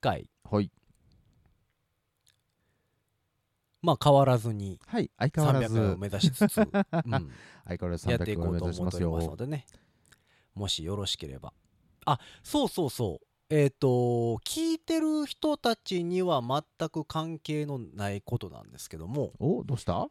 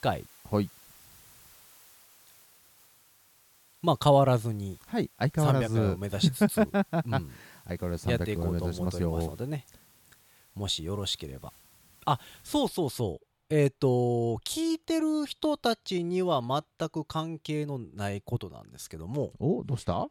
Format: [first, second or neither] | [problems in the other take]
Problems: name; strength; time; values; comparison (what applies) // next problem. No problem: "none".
first | hiss; faint; until 13 s; 25 dB below the speech